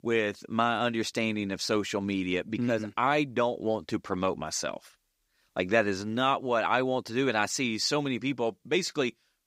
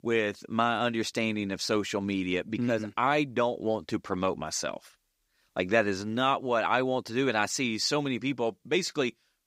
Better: neither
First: none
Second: none

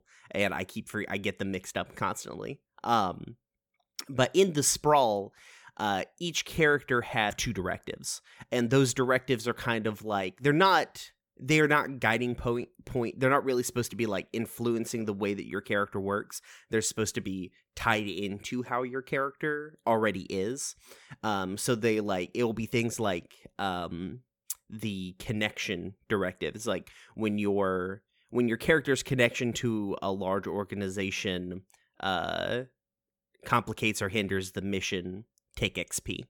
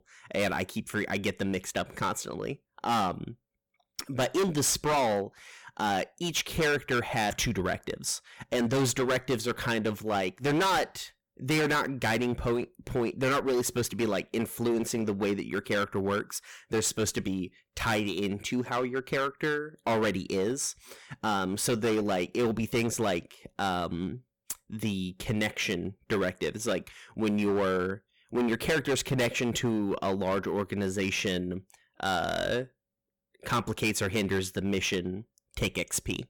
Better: first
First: none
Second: distortion; heavy; 11% of the sound clipped

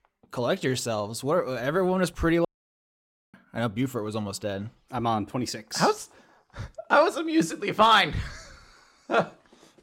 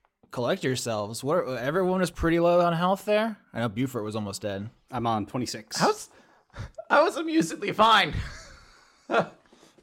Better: second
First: audio cutting out; at 2.5 s for 1 s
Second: none

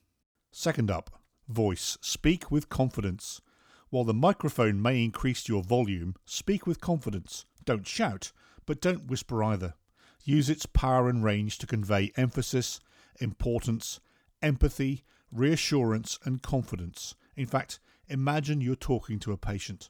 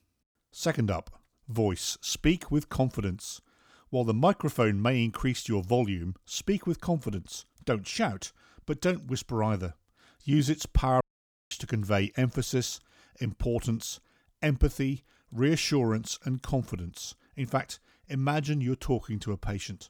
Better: first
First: none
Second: audio cutting out; at 11 s for 0.5 s

